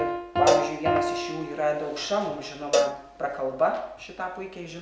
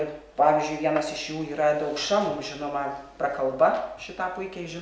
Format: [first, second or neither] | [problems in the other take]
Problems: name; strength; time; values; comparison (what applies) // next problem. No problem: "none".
second | background sound (Piano + Cowbell); as loud as the speech